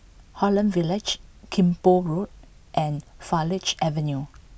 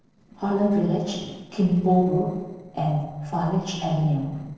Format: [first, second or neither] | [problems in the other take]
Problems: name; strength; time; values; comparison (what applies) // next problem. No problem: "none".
first | noise reduction (neural separator model SepFormer DNS4)